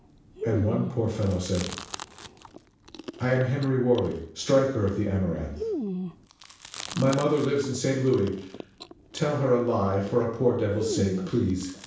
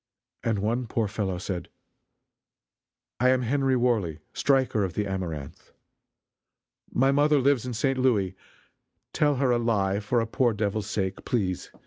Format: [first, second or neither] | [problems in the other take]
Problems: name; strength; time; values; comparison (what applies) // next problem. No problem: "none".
second | background sound (Chewing, mastication); 11 dB below the speech // room echo; dies away in 0.7 s